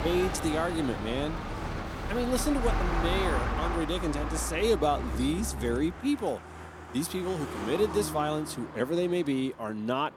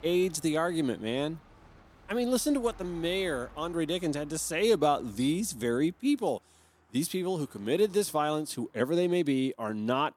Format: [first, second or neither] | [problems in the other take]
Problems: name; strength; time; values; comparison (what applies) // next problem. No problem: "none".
second | traffic noise; loud; throughout; 5 dB below the speech; faint in the second